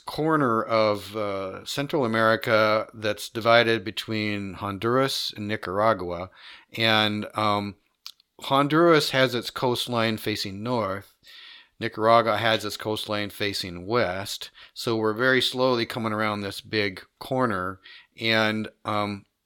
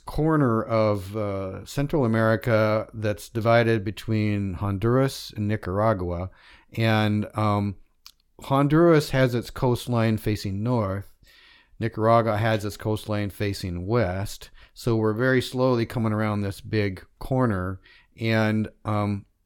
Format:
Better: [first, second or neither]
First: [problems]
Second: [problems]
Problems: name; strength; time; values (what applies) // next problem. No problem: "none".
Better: second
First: thin; very slightly; fading below 400 Hz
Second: none